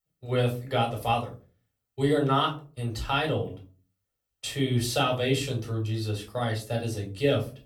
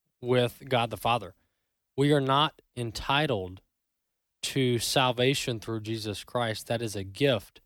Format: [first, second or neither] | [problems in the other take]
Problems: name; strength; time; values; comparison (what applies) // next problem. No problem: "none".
second | off-mic speech; far // room echo; slight; dies away in 0.3 s